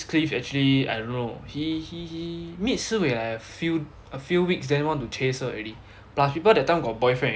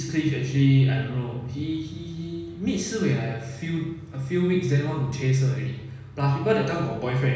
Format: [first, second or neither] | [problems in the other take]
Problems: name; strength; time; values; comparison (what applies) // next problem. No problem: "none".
first | room echo; dies away in 1.1 s